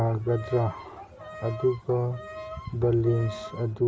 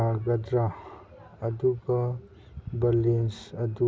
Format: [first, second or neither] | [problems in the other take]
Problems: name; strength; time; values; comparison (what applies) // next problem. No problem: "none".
second | background sound (Bowed string instrument); 14 dB below the speech